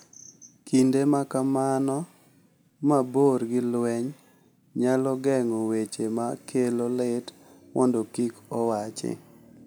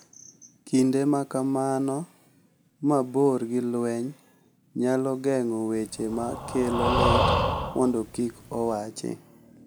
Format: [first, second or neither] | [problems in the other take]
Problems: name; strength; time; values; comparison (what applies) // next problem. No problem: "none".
first | background sound (Breathing); as loud as the speech